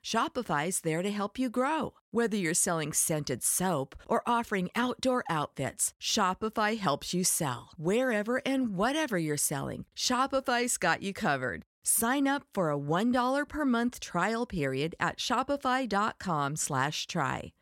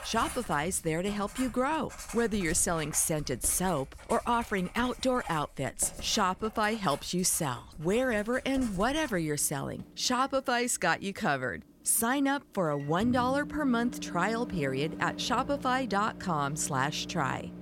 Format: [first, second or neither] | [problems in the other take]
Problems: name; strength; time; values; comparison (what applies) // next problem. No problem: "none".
first | household noises; noticeable; throughout; 15 dB below the speech